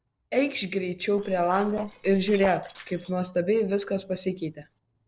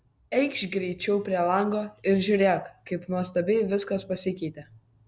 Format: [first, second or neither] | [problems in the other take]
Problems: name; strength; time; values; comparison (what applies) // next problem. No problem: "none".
second | noise reduction (neural separator model SepFormer DNS4)